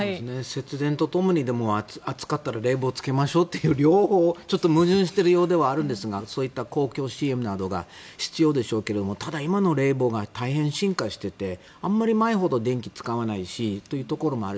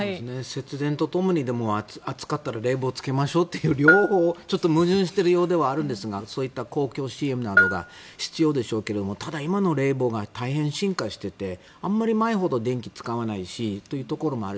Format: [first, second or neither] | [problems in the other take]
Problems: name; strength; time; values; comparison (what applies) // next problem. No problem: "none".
first | background sound (Bell); 3 dB below the speech